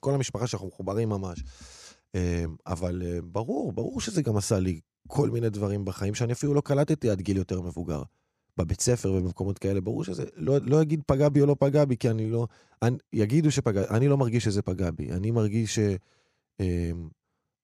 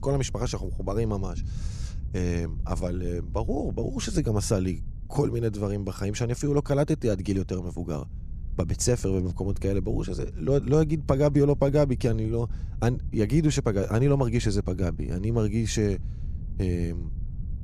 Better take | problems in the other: first | wind noise on the microphone; occasional gusts; 20 dB below the speech

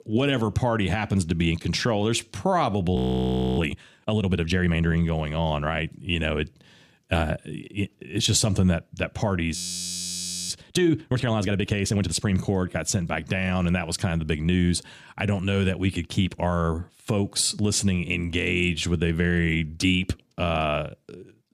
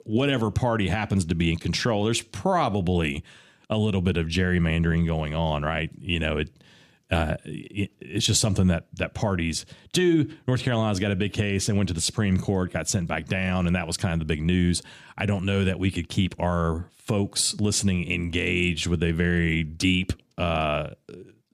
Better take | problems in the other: second | audio freezing; at 3 s for 0.5 s and at 9.5 s for 1 s

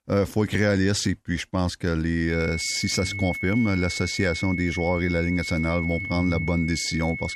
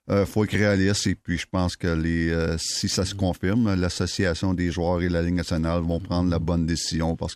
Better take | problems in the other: second | high-pitched whine; loud; from 2.5 s on; 2 kHz, 6 dB below the speech

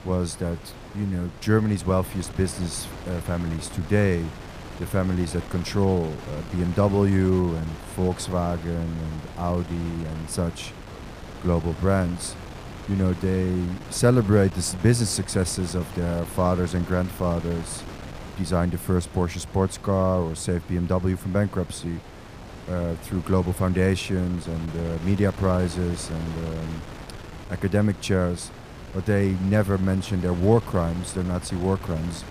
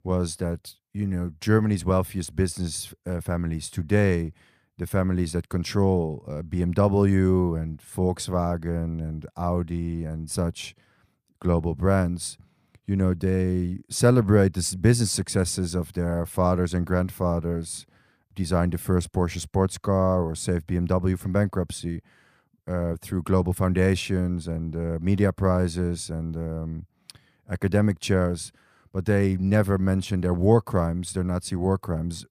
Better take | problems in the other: second | wind noise on the microphone; occasional gusts; 15 dB below the speech

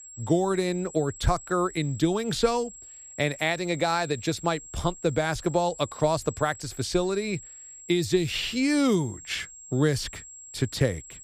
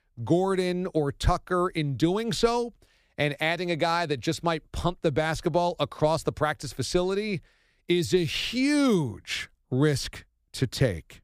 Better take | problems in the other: second | high-pitched whine; noticeable; throughout; 7.5 kHz, 15 dB below the speech

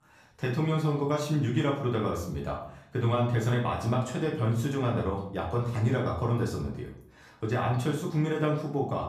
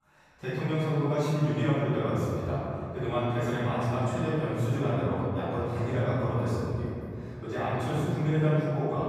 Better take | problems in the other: first | room echo; strong; dies away in 2.6 s; slight in the first // off-mic speech; far; far in the first

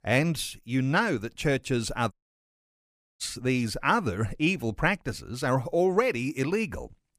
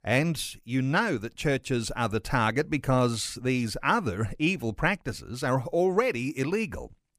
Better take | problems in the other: second | audio cutting out; at 2 s for 1 s

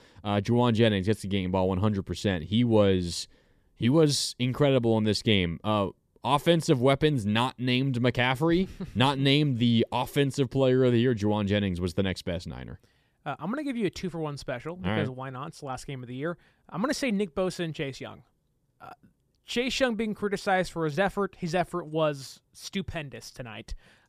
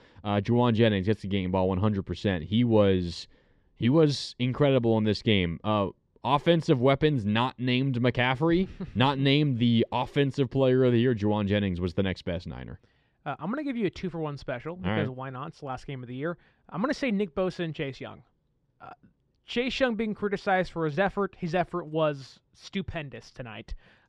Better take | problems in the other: first | muffled; very slightly; fading above 3.5 kHz

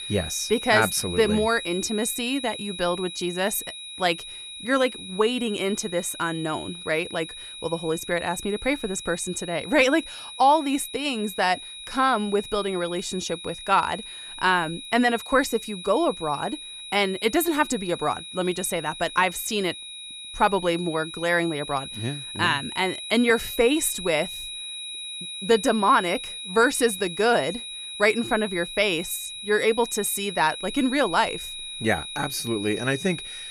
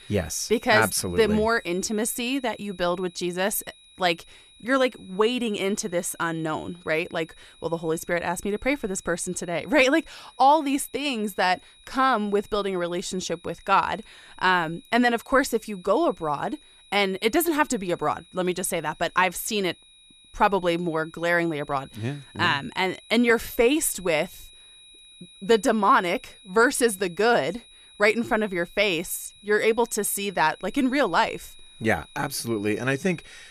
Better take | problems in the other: second | high-pitched whine; loud; throughout; 4 kHz, 10 dB below the speech; faint in the second

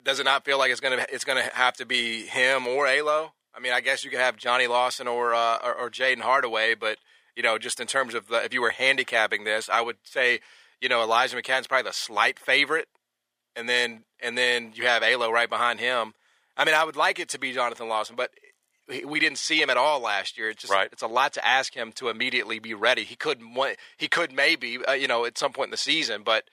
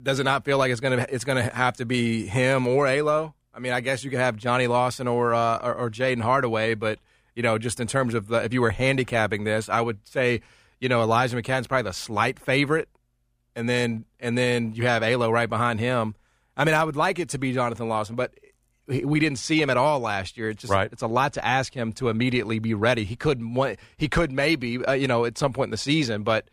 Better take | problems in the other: second | thin; very; fading below 550 Hz

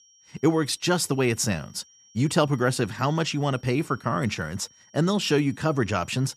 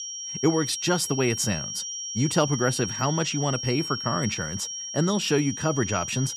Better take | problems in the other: first | high-pitched whine; loud; throughout; 5.5 kHz, 5 dB below the speech; faint in the first

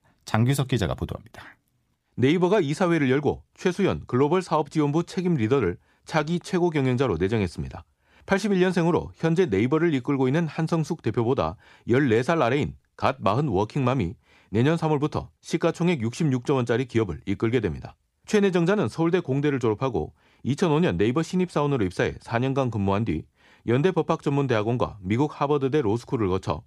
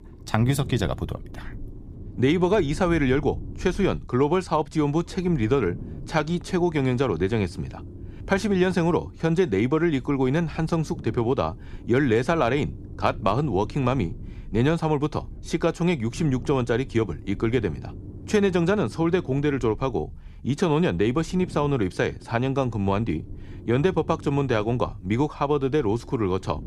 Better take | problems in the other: first | low rumble; faint; throughout; 25 dB below the speech

